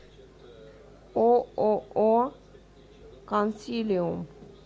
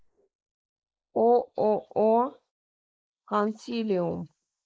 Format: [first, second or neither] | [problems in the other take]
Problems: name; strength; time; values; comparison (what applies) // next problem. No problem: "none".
first | noise reduction (neural mask model Resemble Enhance denoiser)